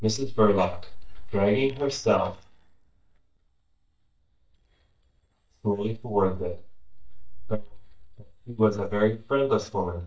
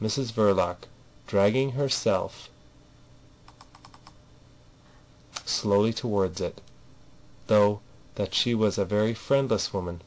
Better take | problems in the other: second | noise reduction (neural mask model DeepFilterNet 3)

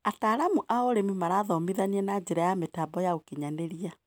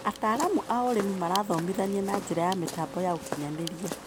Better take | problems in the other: first | background sound (Walk, footsteps); 10 dB below the speech

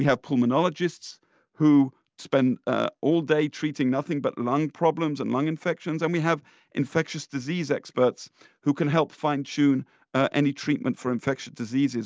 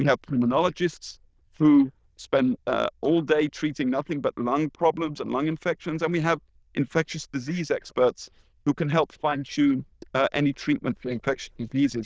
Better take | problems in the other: first | noise reduction (neural diffusion model UNIVERSE++)

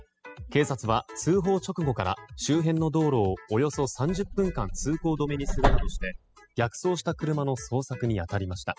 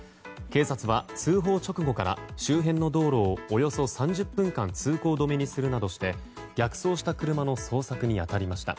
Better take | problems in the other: second | noise reduction (classical method spectral subtraction)

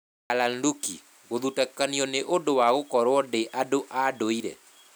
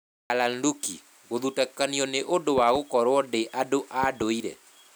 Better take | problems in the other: first | background sound (Knock / Wood); 16 dB below the speech

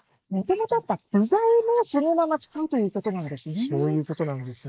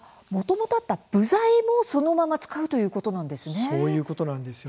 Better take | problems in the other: second | noise reduction (neural mask model Resemble Enhance denoiser)

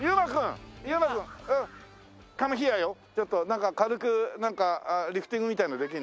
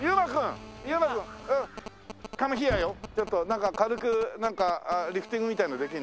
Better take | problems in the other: first | background sound (Telephone + Boom); 15 dB below the speech

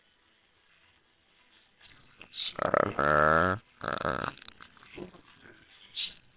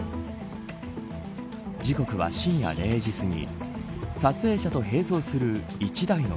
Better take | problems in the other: second | noise reduction (neural separator model SepFormer WHAMR!)

